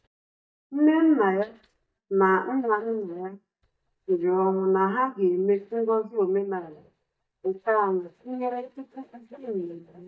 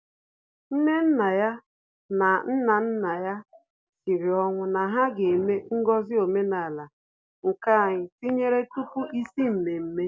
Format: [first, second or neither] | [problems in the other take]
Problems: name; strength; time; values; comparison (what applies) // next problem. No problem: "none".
second | noise reduction (neural mask model DeepFilterNet 3)